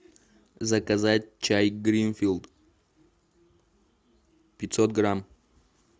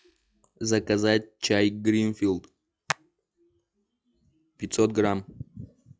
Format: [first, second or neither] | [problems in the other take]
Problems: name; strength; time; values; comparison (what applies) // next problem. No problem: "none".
first | noise reduction (classical method log-MMSE)